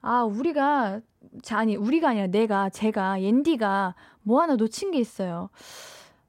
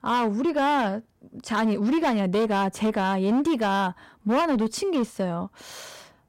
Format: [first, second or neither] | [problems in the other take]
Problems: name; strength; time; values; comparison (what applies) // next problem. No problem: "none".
first | distortion; slight; 14% of the sound clipped